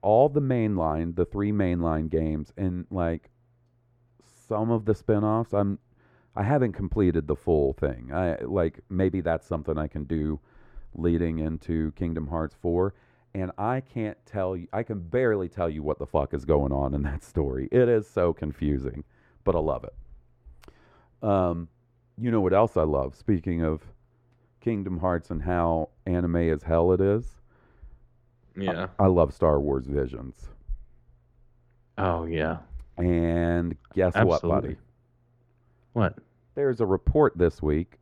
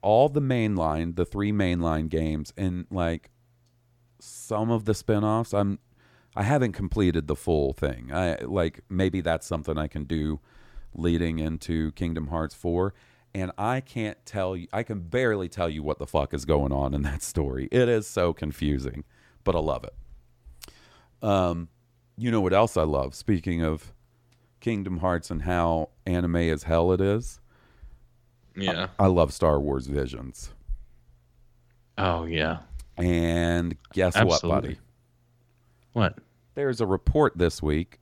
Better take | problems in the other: second | muffled; very; fading above 2.5 kHz

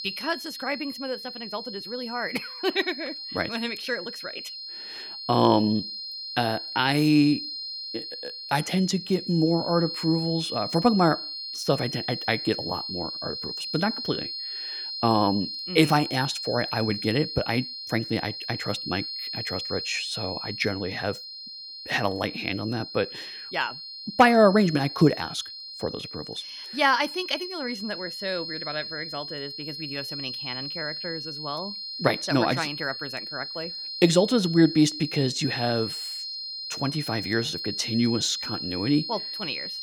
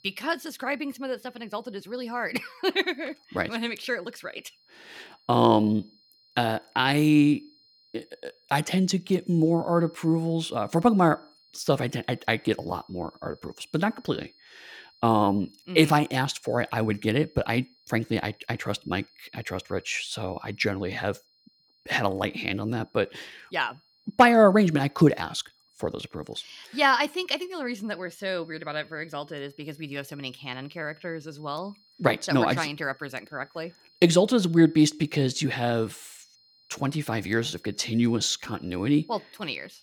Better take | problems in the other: second | high-pitched whine; loud; throughout; 4 kHz, 7 dB below the speech; faint in the second

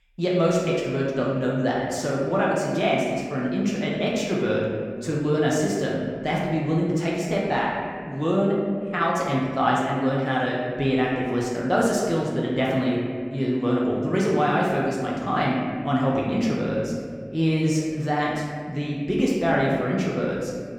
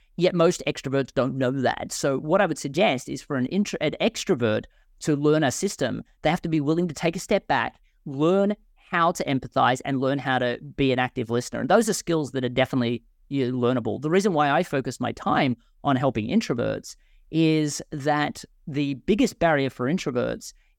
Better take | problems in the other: second | room echo; noticeable; dies away in 1.8 s // off-mic speech; far

